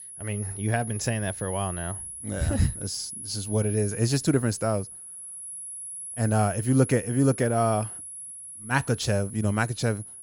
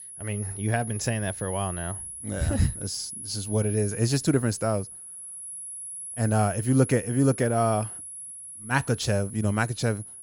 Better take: neither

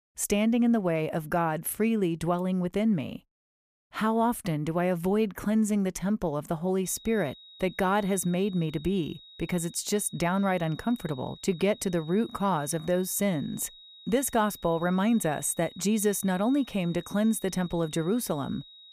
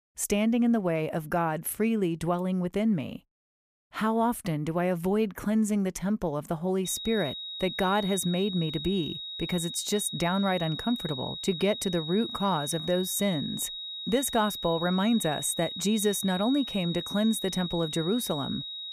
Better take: first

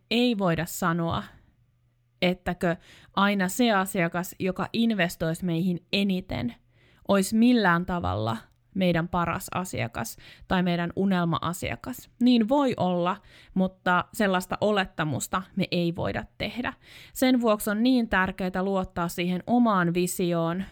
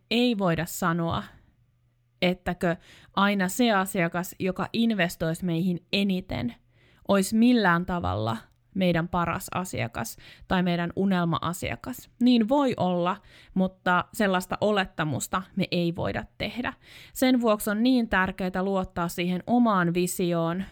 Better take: neither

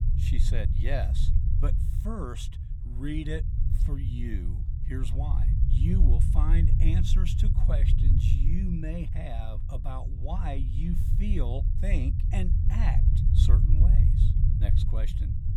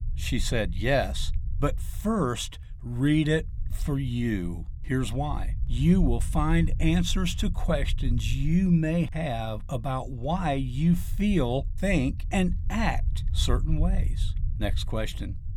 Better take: second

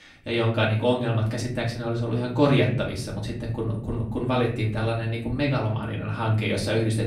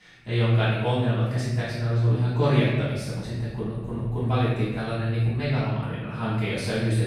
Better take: first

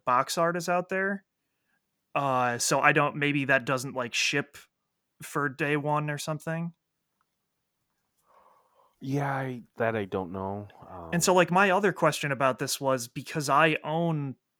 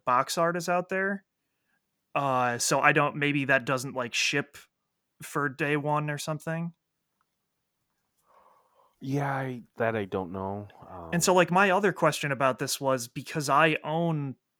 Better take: neither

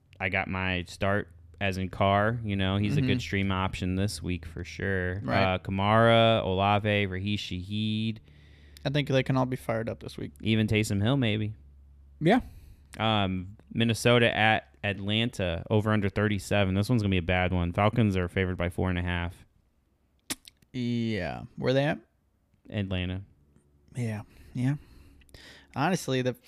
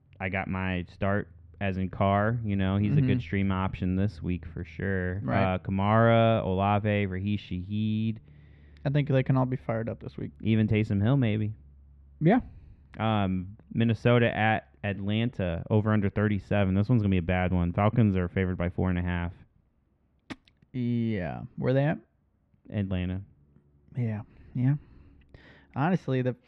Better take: first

